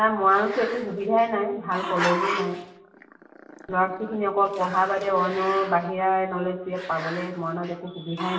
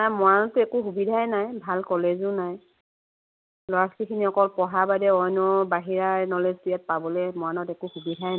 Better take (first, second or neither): second